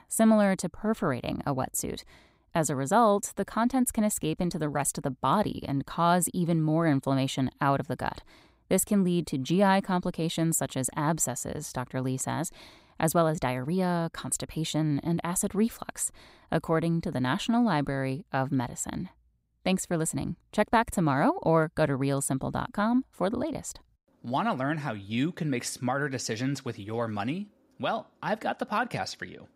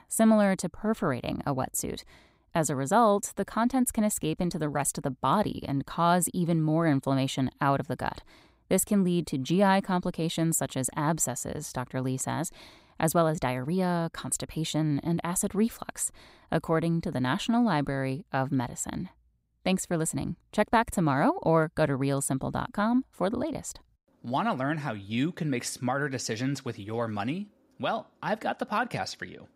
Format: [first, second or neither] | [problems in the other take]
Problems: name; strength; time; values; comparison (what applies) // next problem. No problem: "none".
neither | none